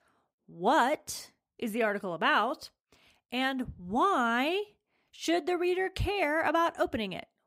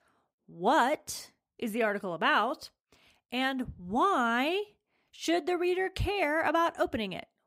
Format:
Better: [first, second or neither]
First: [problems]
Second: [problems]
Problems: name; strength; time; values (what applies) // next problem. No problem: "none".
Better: neither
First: none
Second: none